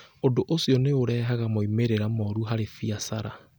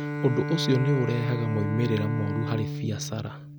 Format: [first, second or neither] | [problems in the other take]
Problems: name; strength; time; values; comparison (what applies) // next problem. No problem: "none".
first | background sound (Bowed string instrument); 4 dB below the speech